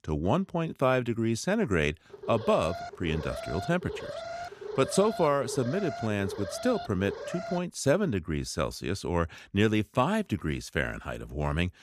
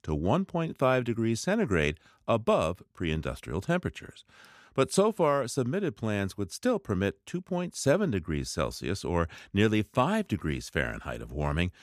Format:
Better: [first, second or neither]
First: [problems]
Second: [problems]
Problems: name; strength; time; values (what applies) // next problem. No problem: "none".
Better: second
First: alarm; noticeable; from 2 to 7.5 s; peak 8 dB below the speech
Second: none